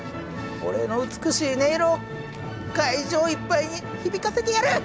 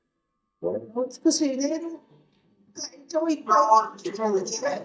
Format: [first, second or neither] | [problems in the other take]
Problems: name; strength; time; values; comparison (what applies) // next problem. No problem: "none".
first | noise reduction (neural mask model DeepFilterNet 3)